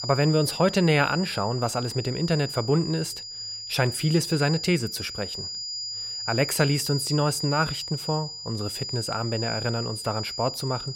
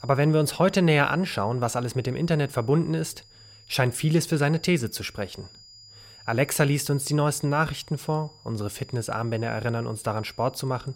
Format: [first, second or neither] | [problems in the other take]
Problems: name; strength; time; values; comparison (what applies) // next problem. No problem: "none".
second | high-pitched whine; loud; throughout; 5 kHz, 6 dB below the speech; faint in the second